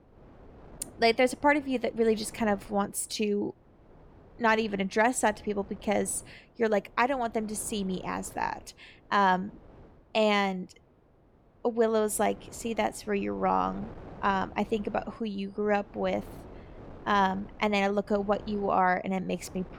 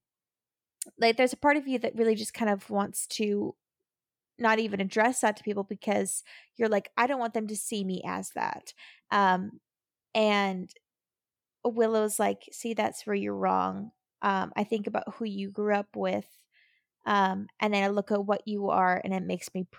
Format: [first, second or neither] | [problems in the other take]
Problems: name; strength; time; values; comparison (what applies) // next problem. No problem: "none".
second | wind noise on the microphone; occasional gusts; 25 dB below the speech